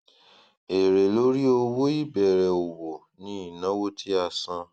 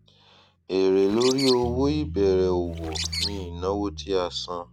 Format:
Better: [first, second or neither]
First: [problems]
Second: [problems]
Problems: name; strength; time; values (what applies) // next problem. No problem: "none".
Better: first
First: none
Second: background sound (Bird + Bass guitar); 9 dB below the speech